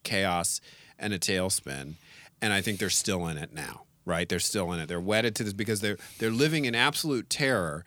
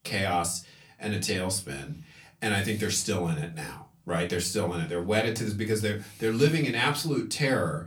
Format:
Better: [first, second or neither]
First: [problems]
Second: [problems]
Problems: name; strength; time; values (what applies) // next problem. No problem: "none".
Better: first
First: none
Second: off-mic speech; far // room echo; very slight; dies away in 0.3 s